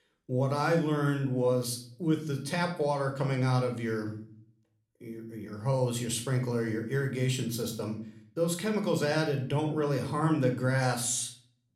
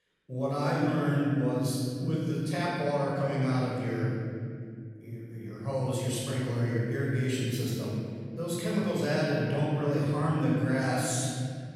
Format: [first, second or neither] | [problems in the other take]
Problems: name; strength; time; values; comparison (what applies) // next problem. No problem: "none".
first | room echo; strong; dies away in 2.8 s; slight in the first // off-mic speech; far